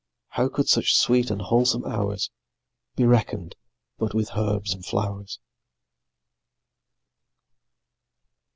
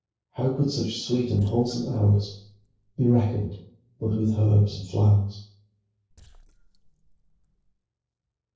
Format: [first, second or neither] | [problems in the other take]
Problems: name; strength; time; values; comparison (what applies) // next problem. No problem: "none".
first | noise reduction (neural separator model SepFormer DNS4)